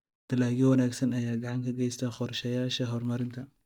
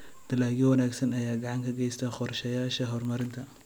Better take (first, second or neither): second